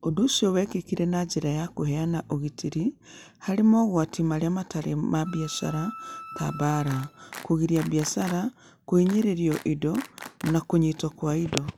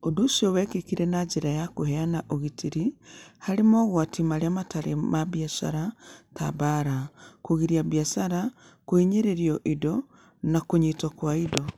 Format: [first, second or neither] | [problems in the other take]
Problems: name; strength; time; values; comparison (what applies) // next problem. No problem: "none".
second | background sound (Clapping + Wind instrument, woodwind instrument); 16 dB below the speech